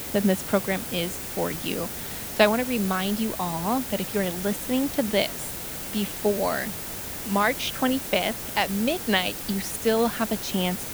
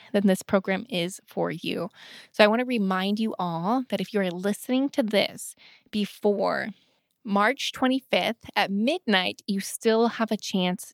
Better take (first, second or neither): second